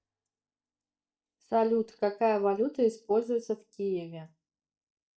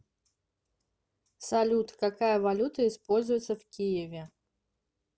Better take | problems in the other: second | noise reduction (neural mask model DeepFilterNet 3)

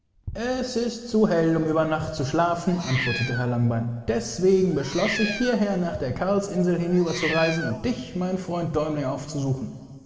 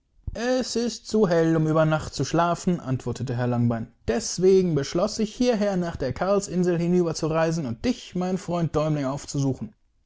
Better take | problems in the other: second | background sound (Meow); 9 dB below the speech // room echo; dies away in 2.1 s

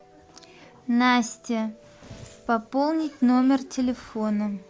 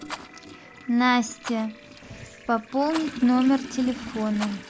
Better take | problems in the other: first | background sound (Toilet flush + Rattle); 13 dB below the speech

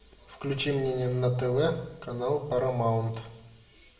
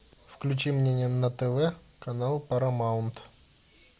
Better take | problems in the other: second | room echo; dies away in 0.6 s

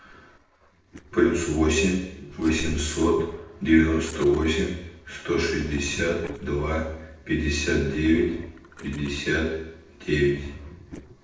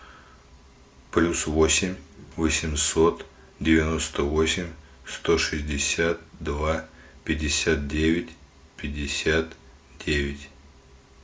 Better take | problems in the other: second | noise reduction (neural separator model SepFormer DNS4)

